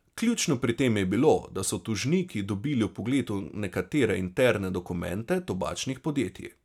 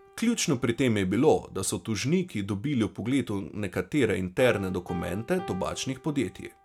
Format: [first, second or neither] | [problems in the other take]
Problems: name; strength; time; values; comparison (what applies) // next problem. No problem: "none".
first | background sound (Piano); 20 dB below the speech